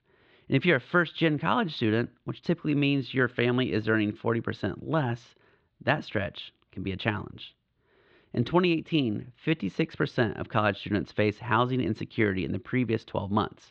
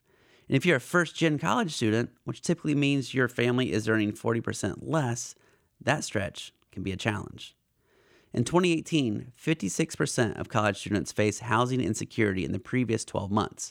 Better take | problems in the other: second | muffled; slightly; fading above 4 kHz

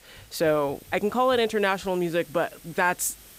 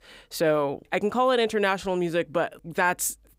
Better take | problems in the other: second | hiss; faint; throughout; 25 dB below the speech

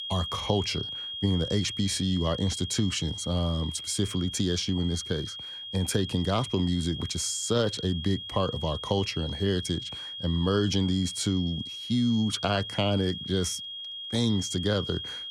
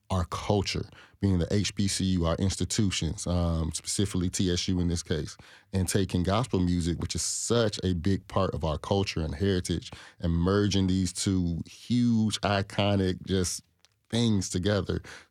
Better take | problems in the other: second | high-pitched whine; loud; throughout; 3.5 kHz, 7 dB below the speech

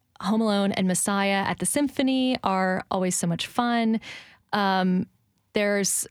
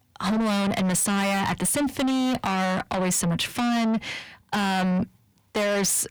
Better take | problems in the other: first | distortion; heavy; 6 dB below the speech

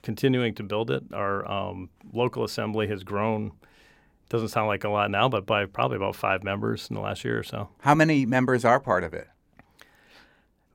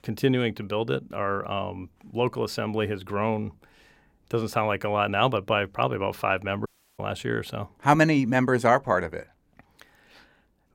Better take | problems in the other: first | audio cutting out; at 6.5 s

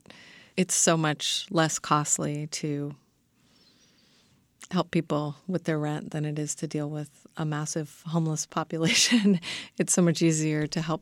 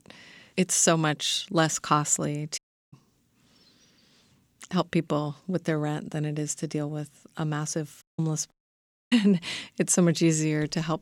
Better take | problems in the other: first | audio cutting out; at 2.5 s, at 8 s and at 8.5 s for 0.5 s

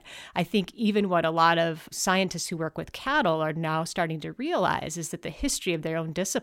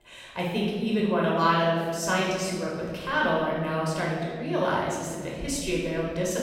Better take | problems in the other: first | off-mic speech; far // room echo; strong; dies away in 2.1 s

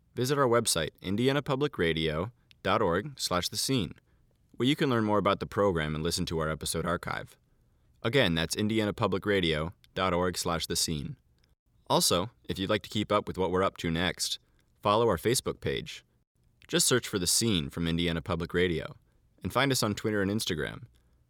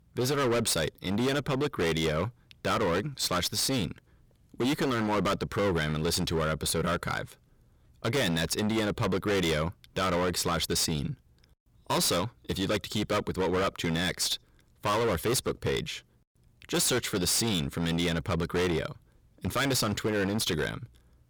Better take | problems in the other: first | distortion; heavy; 20% of the sound clipped

